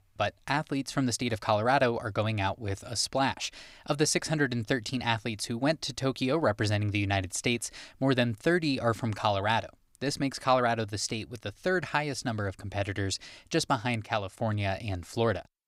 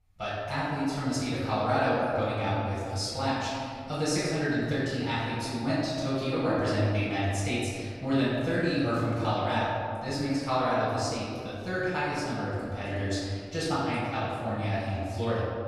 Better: first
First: none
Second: room echo; strong; dies away in 2.3 s // off-mic speech; far

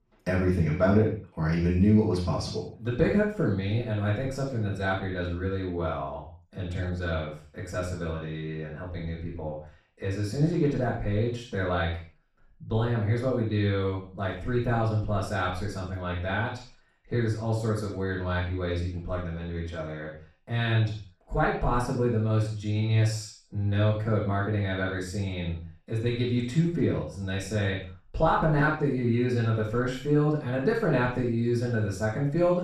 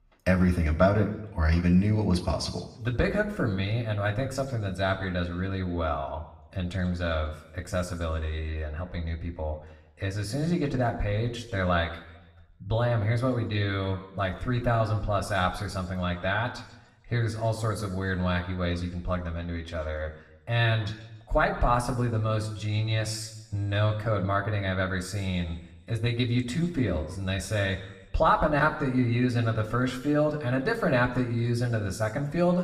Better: second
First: room echo; strong; dies away in 0.4 s // off-mic speech; far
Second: room echo; slight; dies away in 0.9 s // off-mic speech; somewhat distant

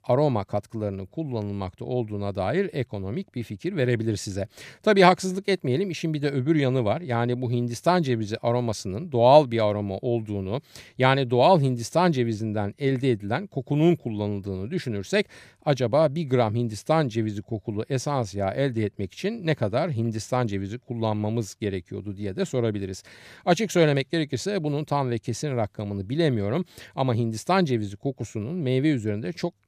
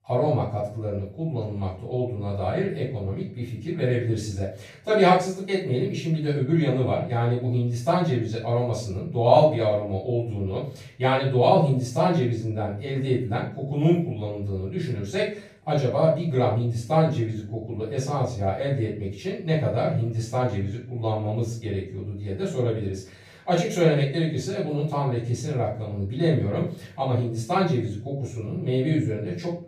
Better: first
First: none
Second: off-mic speech; far // room echo; noticeable; dies away in 0.4 s

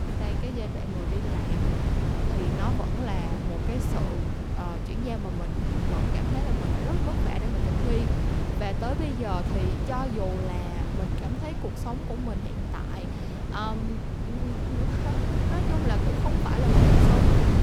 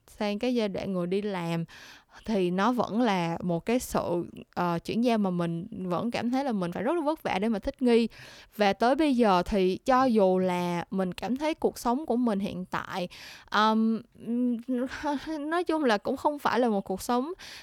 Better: second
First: wind noise on the microphone; heavy; 2 dB above the speech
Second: none

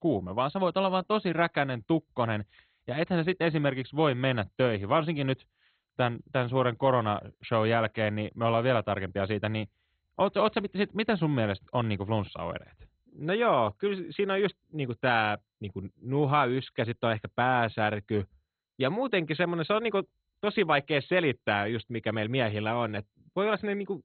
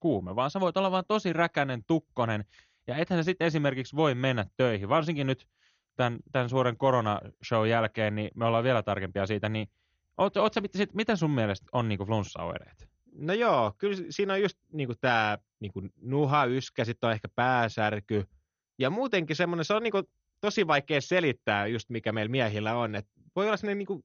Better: second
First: garbled, watery; badly; nothing above 4 kHz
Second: garbled, watery; slightly; nothing above 6.5 kHz

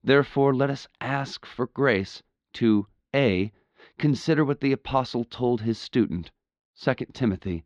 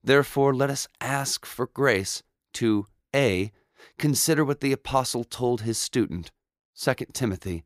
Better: second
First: muffled; slightly; fading above 4 kHz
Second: none

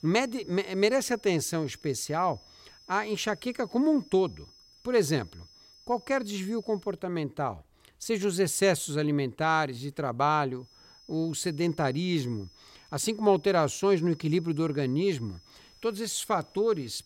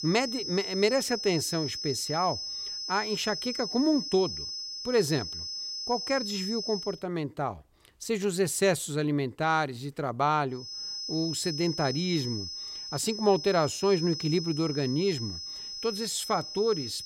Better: first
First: high-pitched whine; faint; until 7 s and from 11 s on; 5 kHz, 25 dB below the speech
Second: high-pitched whine; loud; until 7 s and from 11 s on; 5 kHz, 5 dB below the speech

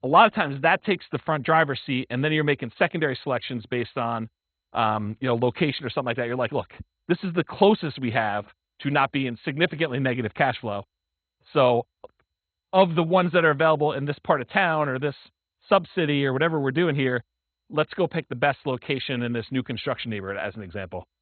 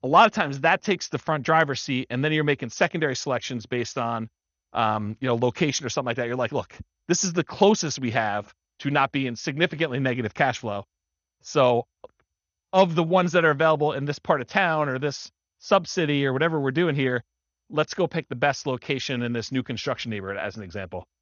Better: second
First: garbled, watery; badly; nothing above 4 kHz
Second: garbled, watery; slightly; nothing above 6.5 kHz

